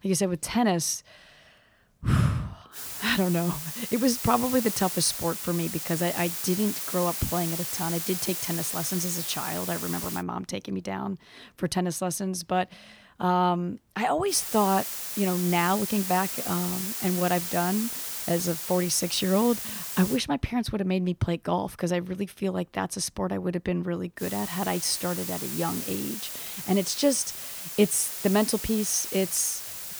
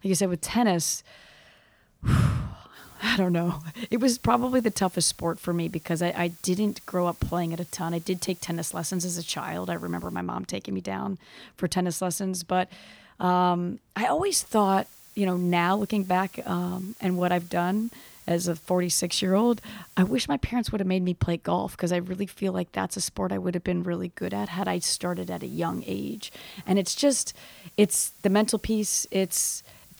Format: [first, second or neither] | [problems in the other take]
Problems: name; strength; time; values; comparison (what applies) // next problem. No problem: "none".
second | hiss; loud; from 3 to 10 s, from 14 to 20 s and from 24 s on; 4 dB below the speech; faint in the second